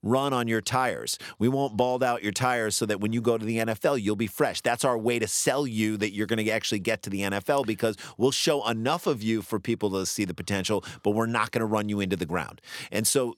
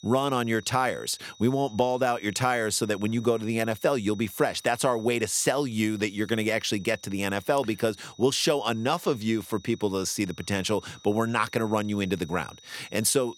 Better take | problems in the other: first | high-pitched whine; faint; throughout; 4 kHz, 25 dB below the speech

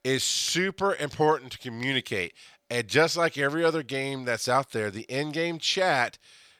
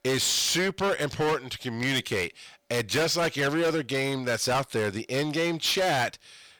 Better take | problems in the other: first | distortion; heavy; 16% of the sound clipped

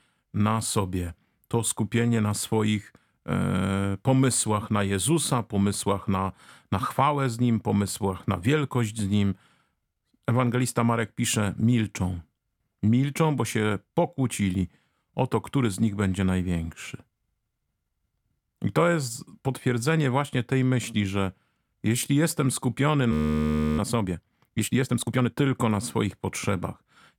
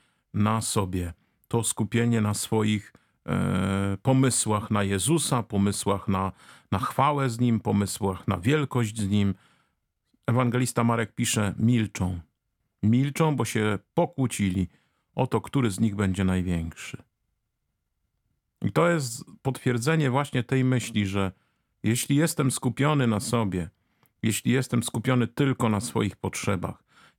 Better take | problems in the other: second | audio freezing; at 23 s for 0.5 s

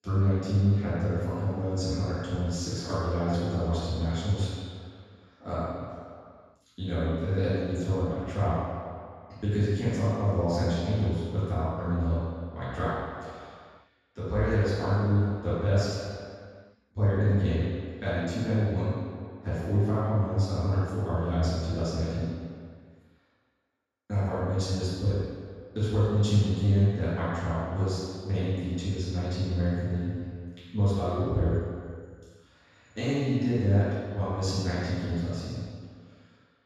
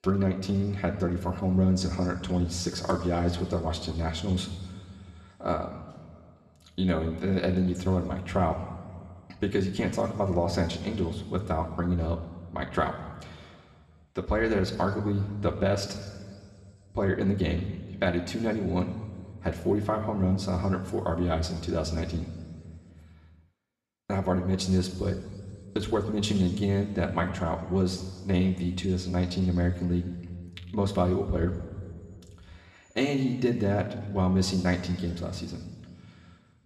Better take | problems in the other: second | room echo; strong; dies away in 1.8 s; slight in the second // off-mic speech; far; somewhat distant in the second

